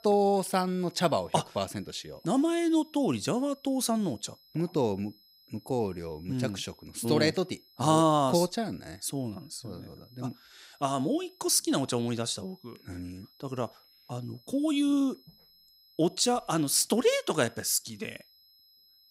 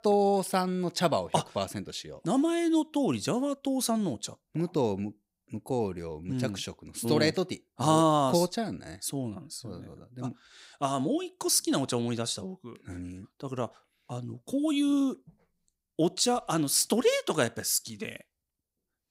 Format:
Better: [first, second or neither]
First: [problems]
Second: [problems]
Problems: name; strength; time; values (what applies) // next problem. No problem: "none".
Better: second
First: high-pitched whine; faint; throughout; 5 kHz, 30 dB below the speech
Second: none